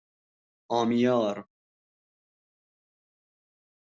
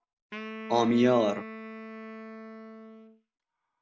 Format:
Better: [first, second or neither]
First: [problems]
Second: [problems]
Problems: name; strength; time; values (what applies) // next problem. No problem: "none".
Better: first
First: none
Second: background sound (Wind instrument, woodwind instrument); 12 dB below the speech